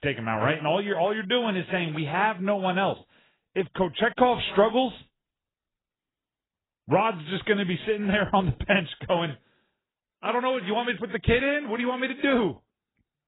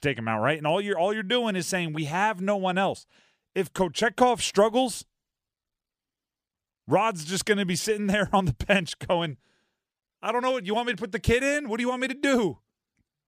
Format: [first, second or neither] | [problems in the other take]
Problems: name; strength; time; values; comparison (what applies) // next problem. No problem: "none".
second | garbled, watery; badly; nothing above 3.5 kHz